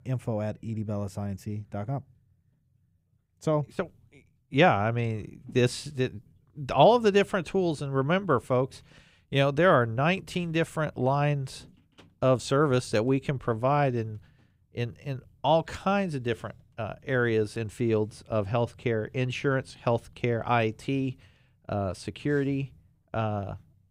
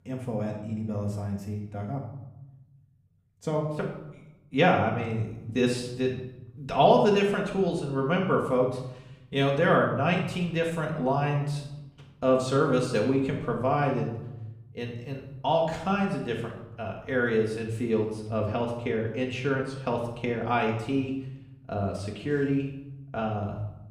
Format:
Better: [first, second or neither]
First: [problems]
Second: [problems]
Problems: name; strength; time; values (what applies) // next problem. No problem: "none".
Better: first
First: none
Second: room echo; noticeable; dies away in 0.7 s // off-mic speech; somewhat distant